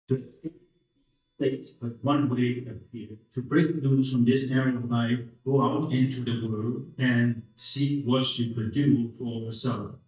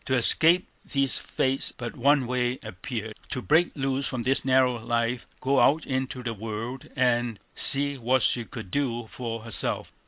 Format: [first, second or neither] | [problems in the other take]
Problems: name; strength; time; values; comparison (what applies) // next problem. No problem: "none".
second | noise reduction (neural mask model DeepFilterNet 3)